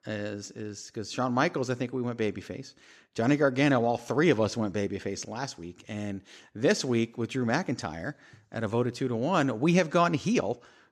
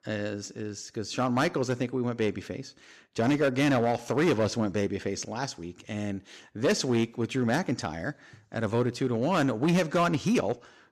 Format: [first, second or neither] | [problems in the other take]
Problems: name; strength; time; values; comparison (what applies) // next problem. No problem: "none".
first | distortion; slight; 5% of the sound clipped